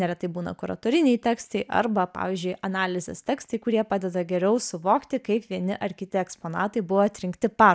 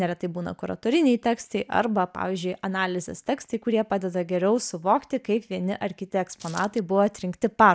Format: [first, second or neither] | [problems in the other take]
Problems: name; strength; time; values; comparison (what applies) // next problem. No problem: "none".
first | background sound (Coin (dropping)); 18 dB below the speech